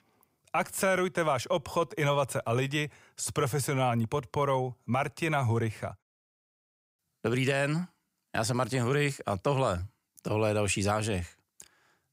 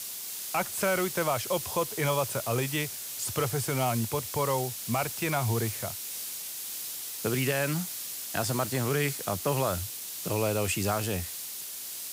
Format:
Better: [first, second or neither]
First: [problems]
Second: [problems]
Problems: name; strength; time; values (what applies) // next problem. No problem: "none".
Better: first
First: none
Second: hiss; loud; throughout; 4 dB below the speech